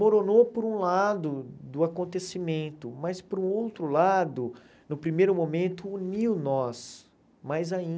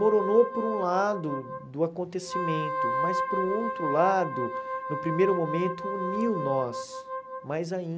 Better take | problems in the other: first | background sound (Wind instrument, woodwind instrument); 4 dB below the speech

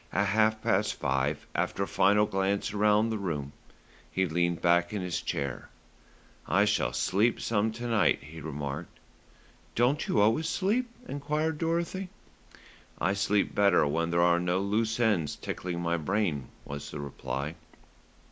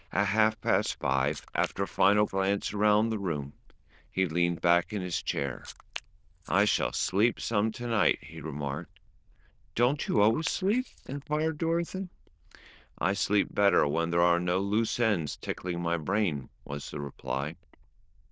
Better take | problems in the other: first | noise reduction (neural diffusion model UNIVERSE++)

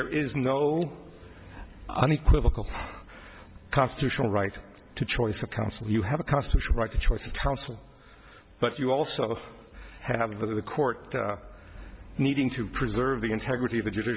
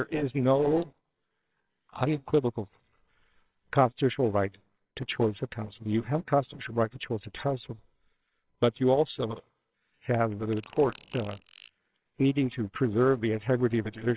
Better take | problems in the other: first | noise reduction (neural separator model SepFormer WHAMR!)

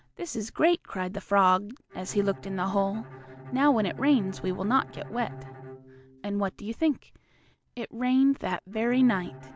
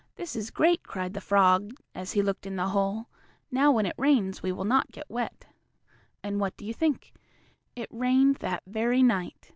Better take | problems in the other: second | background sound (Bowed string instrument); 18 dB below the speech

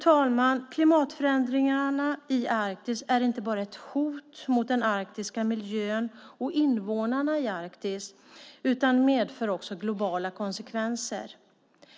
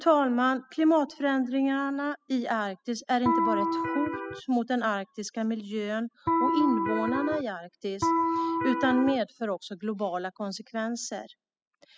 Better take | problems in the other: first | noise reduction (classical method spectral subtraction)

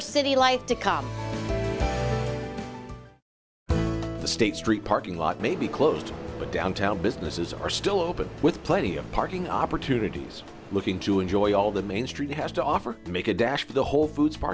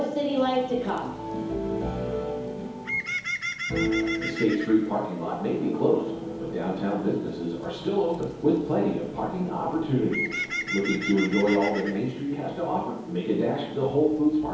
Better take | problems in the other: first | background sound (Bird); 11 dB below the speech // room echo; dies away in 2.2 s

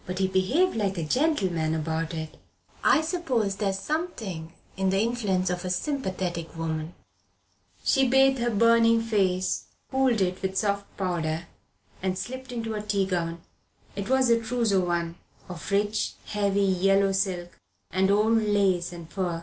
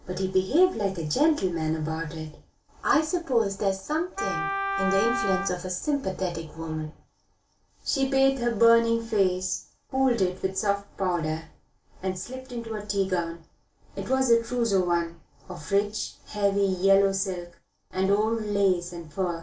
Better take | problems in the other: first | background sound (Wind instrument, woodwind instrument); 5 dB below the speech // room echo; dies away in 0.2 s

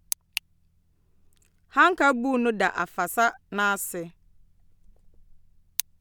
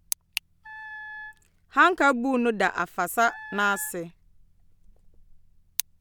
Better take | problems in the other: first | background sound (Wind instrument, woodwind instrument); 14 dB below the speech

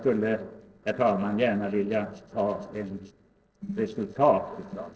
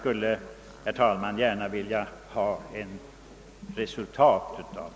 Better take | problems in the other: second | noise reduction (neural separator model SepFormer DNS4)

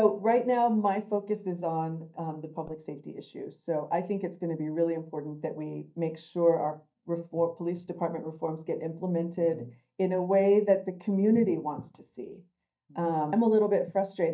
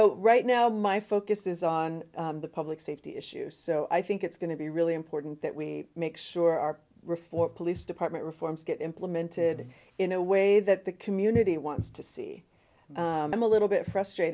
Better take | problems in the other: second | noise reduction (neural mask model DeepFilterNet 3)

